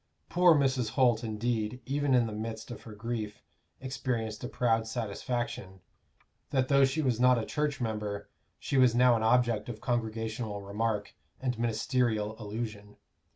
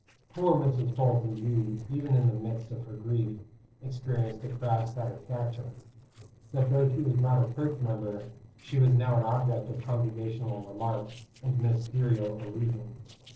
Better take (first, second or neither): first